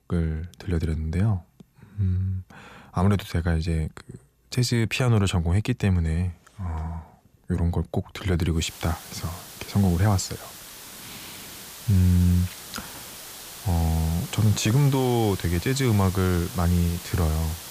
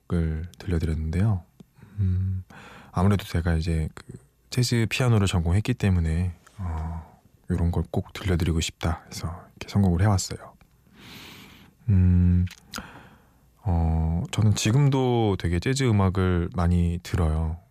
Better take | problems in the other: second | hiss; noticeable; from 8.5 s on; 15 dB below the speech

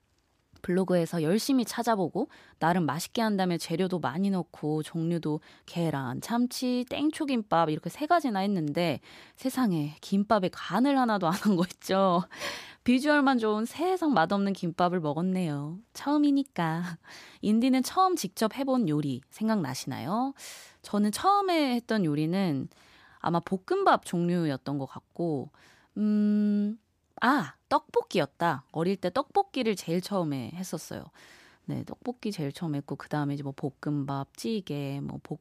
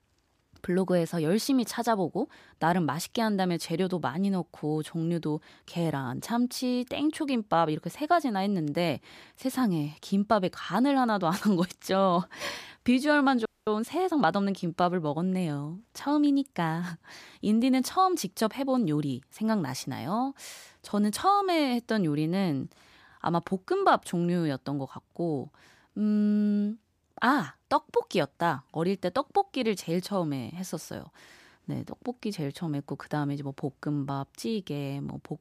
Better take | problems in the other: first | audio freezing; at 13 s

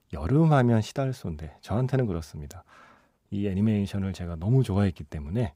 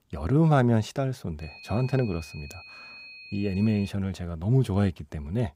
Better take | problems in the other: first | high-pitched whine; noticeable; from 1.5 to 4 s; 2.5 kHz, 15 dB below the speech

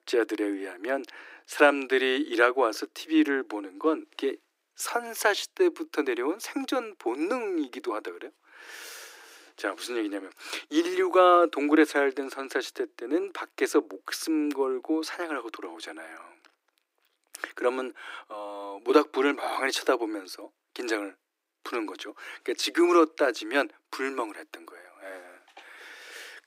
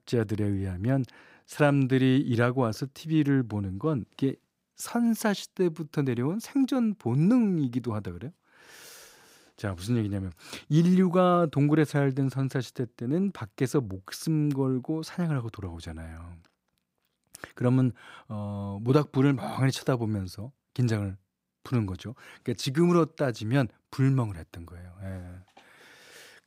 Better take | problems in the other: second | thin; very; fading below 300 Hz

